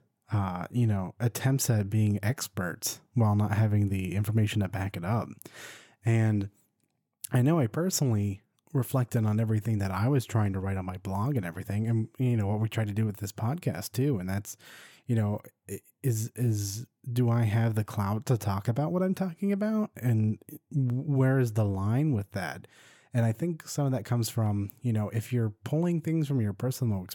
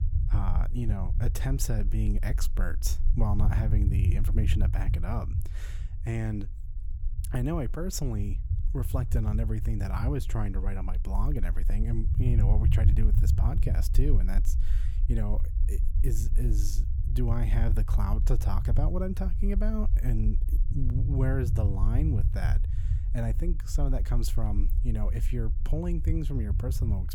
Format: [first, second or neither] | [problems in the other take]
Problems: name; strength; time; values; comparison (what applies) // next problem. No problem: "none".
first | low rumble; loud; throughout; 8 dB below the speech